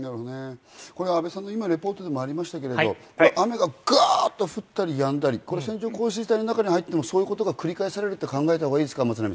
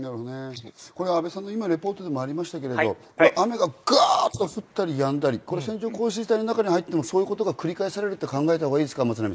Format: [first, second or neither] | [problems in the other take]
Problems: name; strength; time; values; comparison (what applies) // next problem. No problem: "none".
first | noise reduction (neural mask model Resemble Enhance denoiser)